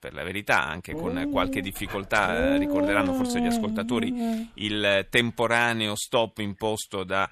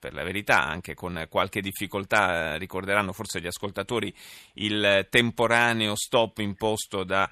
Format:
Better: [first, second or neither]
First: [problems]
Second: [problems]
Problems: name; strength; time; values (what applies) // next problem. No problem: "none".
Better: second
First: dog barking; loud; from 1 to 4.5 s; peak 3 dB above the speech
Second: none